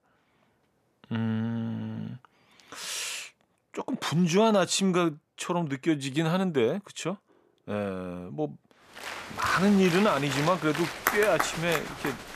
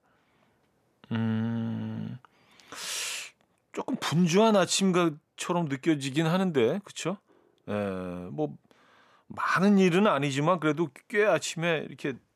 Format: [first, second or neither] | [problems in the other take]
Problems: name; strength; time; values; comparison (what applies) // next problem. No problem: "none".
second | crowd noise; loud; from 9 s on; 5 dB below the speech